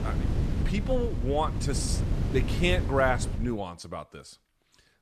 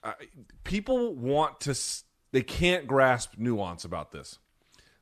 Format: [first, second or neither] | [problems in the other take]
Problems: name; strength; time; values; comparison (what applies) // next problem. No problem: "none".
second | wind noise on the microphone; occasional gusts; until 3.5 s; 10 dB below the speech